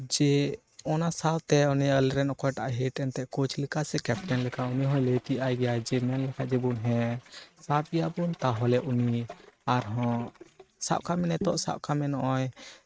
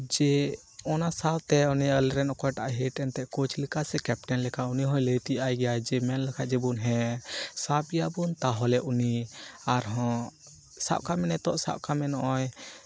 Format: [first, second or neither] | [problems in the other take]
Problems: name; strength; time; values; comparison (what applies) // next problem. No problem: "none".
second | noise reduction (neural mask model RNNoise)